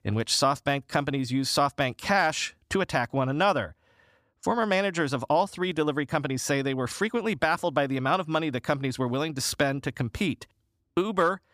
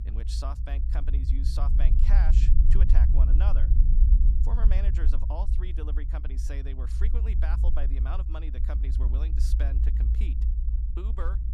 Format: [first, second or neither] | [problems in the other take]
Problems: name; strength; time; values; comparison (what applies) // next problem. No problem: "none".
first | low rumble; loud; throughout; 3 dB below the speech